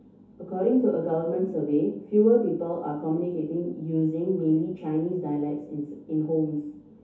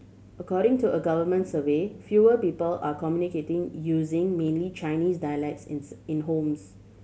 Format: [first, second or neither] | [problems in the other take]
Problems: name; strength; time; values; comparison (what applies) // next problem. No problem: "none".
second | room echo; dies away in 0.5 s